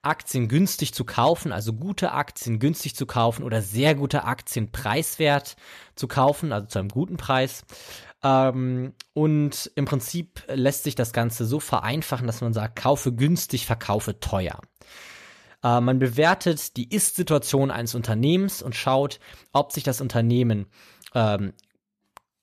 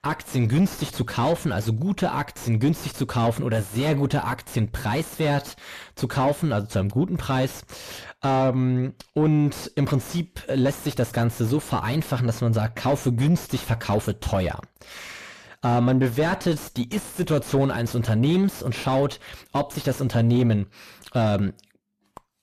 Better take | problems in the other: first | distortion; heavy; 6 dB below the speech

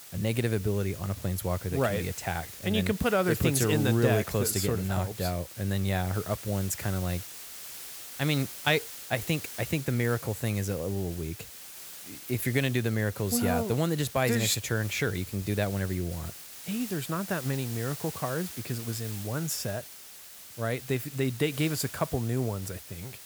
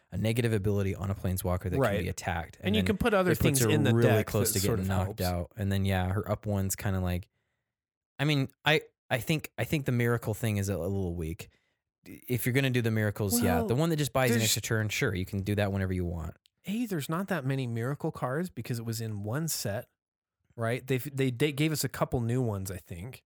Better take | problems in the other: second | hiss; noticeable; throughout; 10 dB below the speech

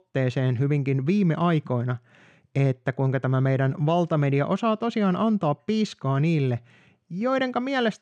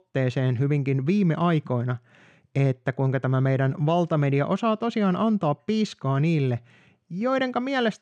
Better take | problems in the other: neither | none

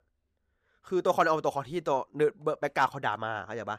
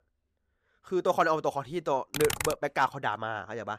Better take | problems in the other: first | keyboard typing; noticeable; at 2 s; peak 2 dB below the speech

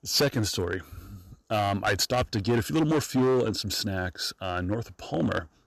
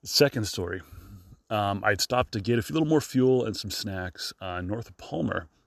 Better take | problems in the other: second | distortion; heavy; 8% of the sound clipped

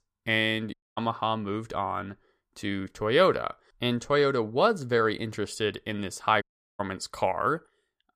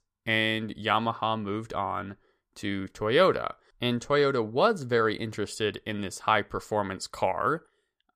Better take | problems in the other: second | audio cutting out; at 0.5 s and at 6.5 s

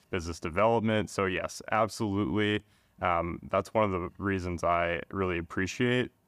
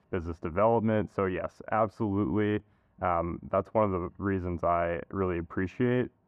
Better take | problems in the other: first | muffled; very; fading above 2.5 kHz

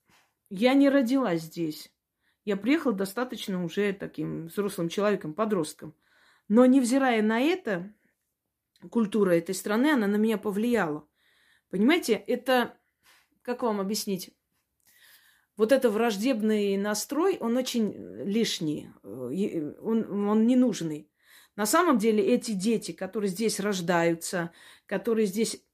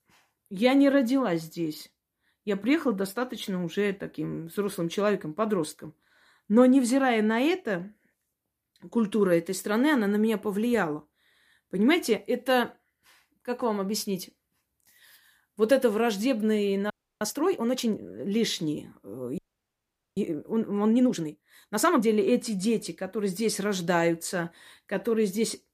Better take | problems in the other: first | audio freezing; at 17 s and at 19 s for 1 s

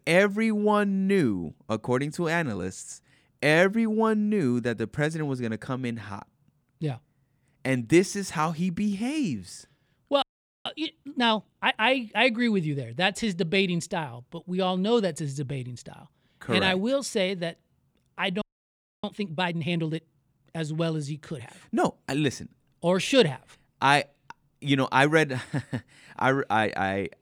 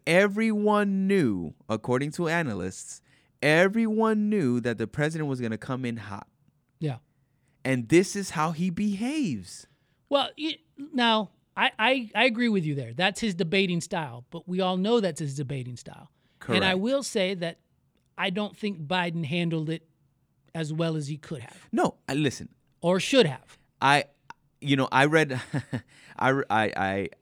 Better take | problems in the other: second | audio freezing; at 10 s and at 18 s for 0.5 s

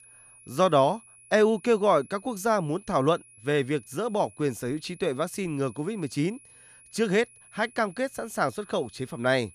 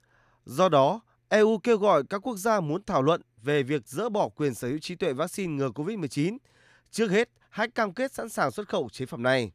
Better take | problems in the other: second | high-pitched whine; faint; throughout; 10.5 kHz, 25 dB below the speech

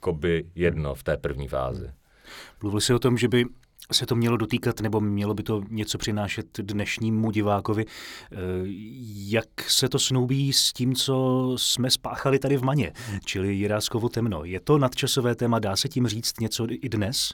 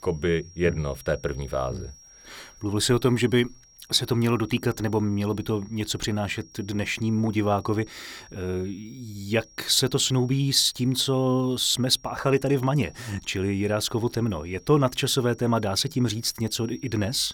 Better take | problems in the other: first | high-pitched whine; faint; throughout; 5.5 kHz, 25 dB below the speech

